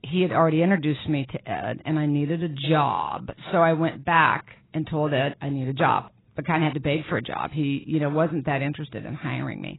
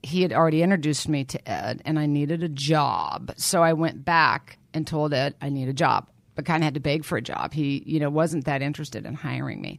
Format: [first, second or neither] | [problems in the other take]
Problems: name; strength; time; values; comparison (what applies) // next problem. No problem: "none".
second | garbled, watery; badly; nothing above 4 kHz